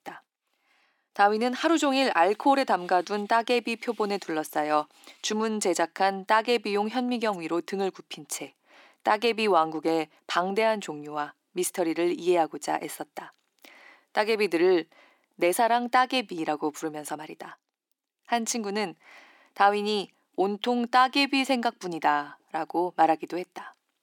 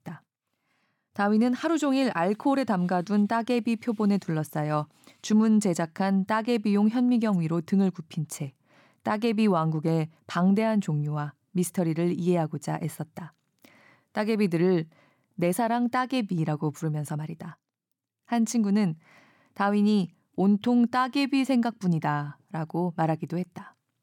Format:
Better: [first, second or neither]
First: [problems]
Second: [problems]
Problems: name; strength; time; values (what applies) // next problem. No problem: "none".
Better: second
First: thin; somewhat; fading below 350 Hz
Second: none